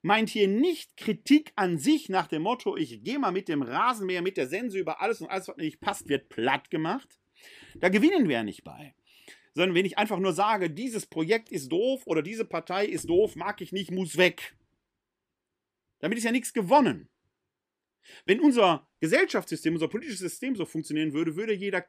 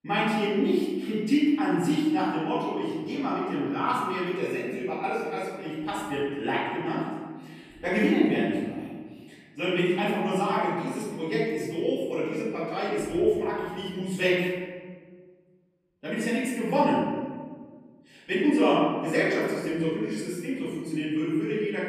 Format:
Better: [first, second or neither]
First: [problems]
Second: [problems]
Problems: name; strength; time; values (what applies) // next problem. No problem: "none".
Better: first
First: none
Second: off-mic speech; far // room echo; strong; dies away in 1.4 s